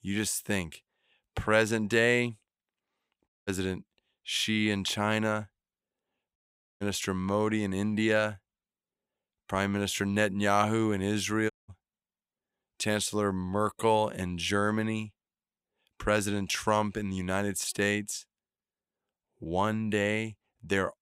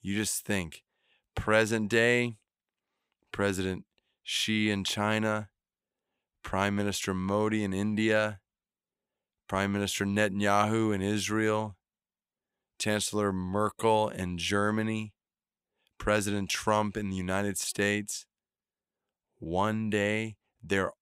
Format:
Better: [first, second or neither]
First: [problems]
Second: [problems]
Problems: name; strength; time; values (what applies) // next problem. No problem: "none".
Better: second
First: audio cutting out; at 3.5 s, at 6.5 s and at 12 s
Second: none